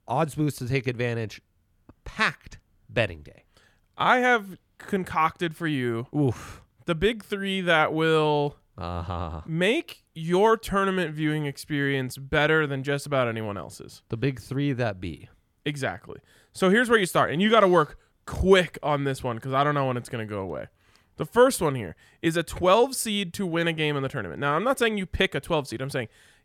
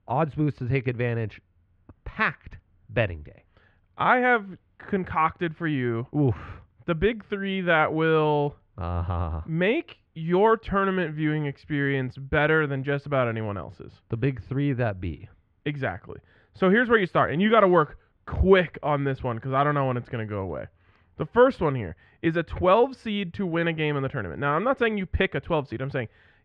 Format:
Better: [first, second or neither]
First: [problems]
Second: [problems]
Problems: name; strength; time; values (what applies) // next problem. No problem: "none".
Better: first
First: none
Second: muffled; very; fading above 2.5 kHz